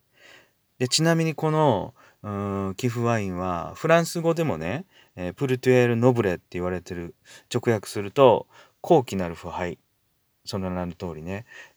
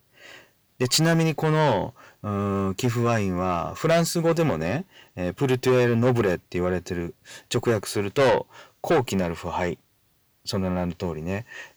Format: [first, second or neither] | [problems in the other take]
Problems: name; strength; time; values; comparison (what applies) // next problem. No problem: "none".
first | distortion; heavy; 6 dB below the speech